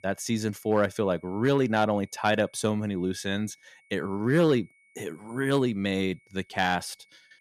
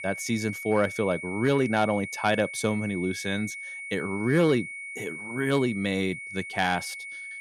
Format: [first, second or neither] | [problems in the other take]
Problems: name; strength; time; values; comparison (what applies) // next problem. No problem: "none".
first | high-pitched whine; loud; throughout; 2 kHz, 9 dB below the speech; faint in the first